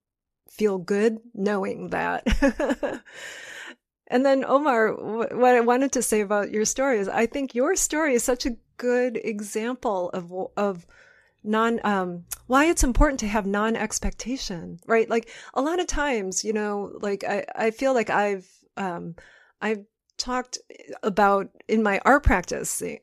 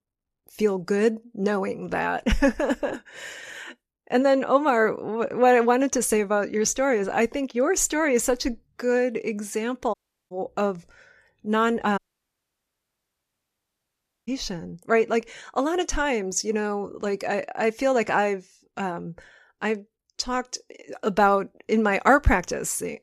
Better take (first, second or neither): first